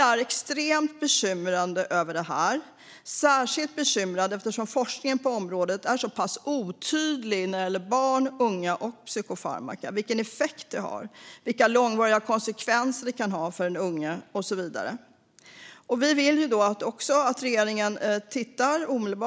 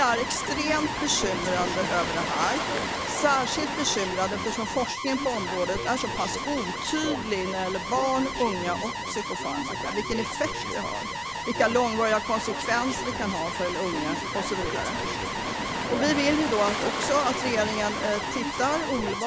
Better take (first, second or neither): first